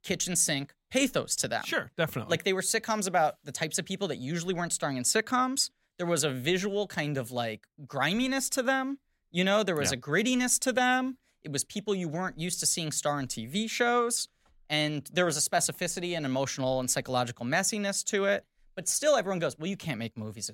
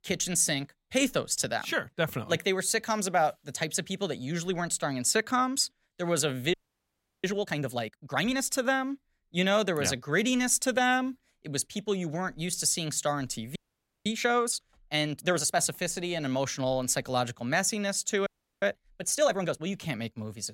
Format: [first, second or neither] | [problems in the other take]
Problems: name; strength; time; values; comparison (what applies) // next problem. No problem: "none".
first | audio freezing; at 6.5 s for 0.5 s, at 14 s for 0.5 s and at 18 s